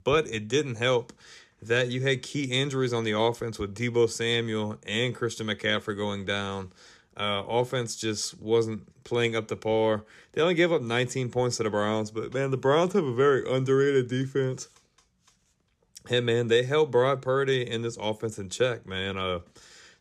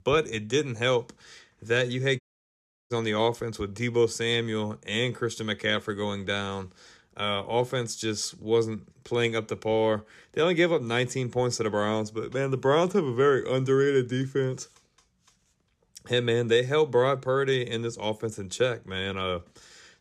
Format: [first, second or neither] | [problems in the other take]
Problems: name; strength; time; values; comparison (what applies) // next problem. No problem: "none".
first | audio cutting out; at 2 s for 0.5 s